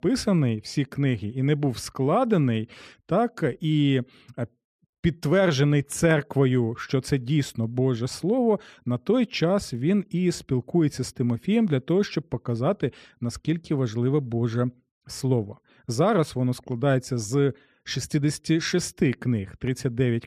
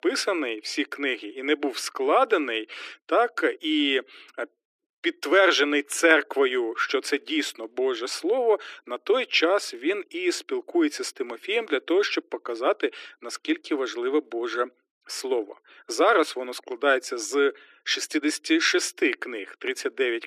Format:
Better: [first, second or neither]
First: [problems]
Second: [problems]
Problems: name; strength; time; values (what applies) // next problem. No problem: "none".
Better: first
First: none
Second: thin; very; fading below 300 Hz